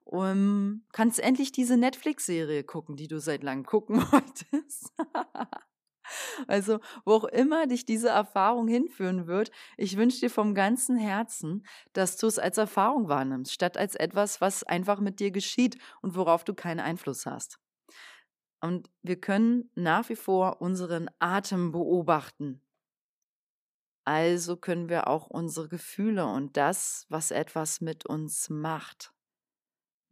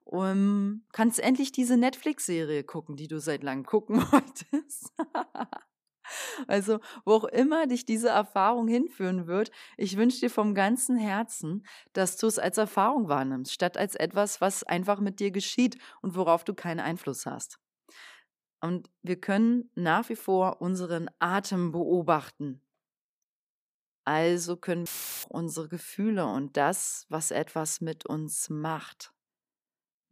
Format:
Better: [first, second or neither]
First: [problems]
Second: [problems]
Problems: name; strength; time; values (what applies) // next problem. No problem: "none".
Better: first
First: none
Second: audio cutting out; filled with static; at 25 s